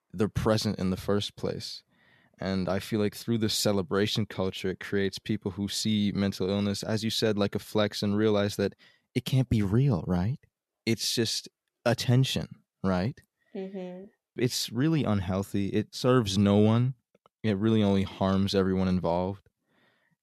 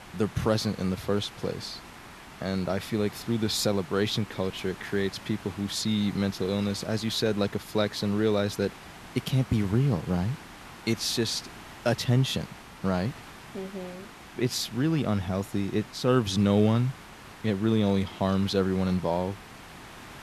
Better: first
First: none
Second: hiss; noticeable; throughout; 15 dB below the speech

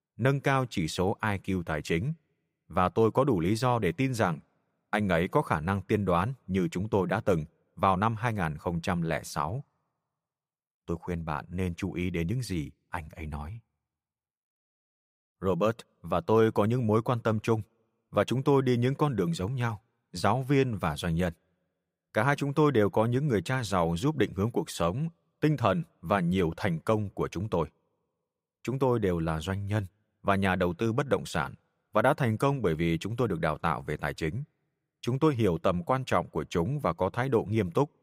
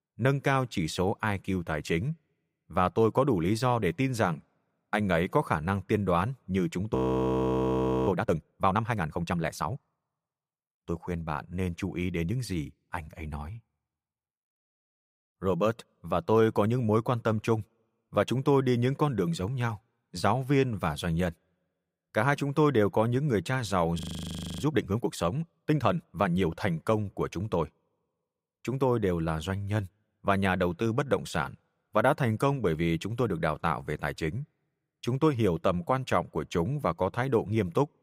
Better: first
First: none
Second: audio freezing; at 7 s for 1 s and at 24 s for 0.5 s

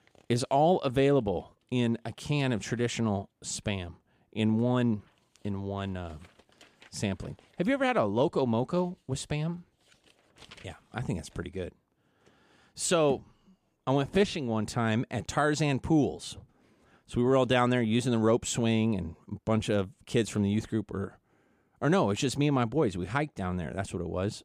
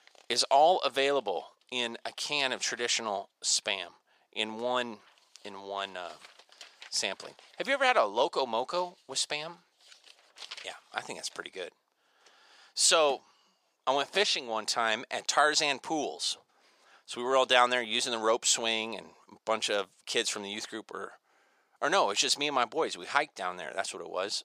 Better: first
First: none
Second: thin; very; fading below 750 Hz

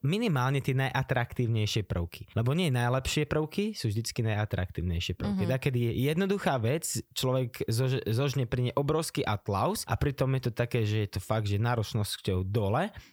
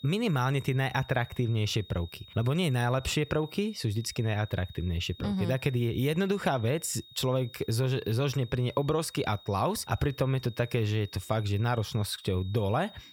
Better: first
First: none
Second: high-pitched whine; faint; throughout; 3.5 kHz, 20 dB below the speech

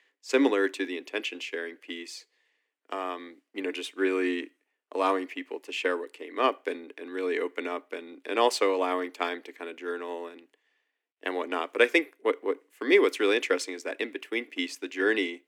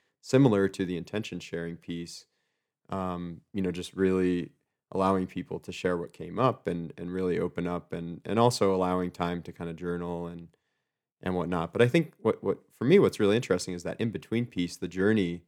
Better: second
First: thin; somewhat; fading below 300 Hz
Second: none

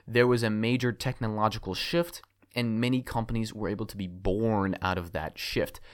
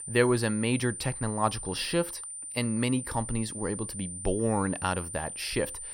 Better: first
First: none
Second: high-pitched whine; loud; throughout; 9 kHz, 7 dB below the speech

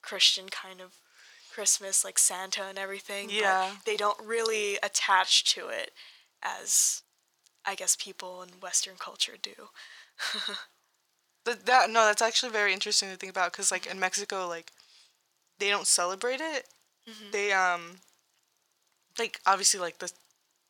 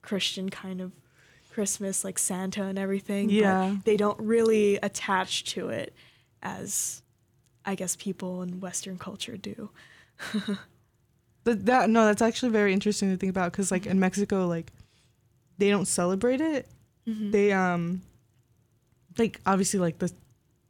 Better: second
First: thin; very; fading below 850 Hz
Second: none

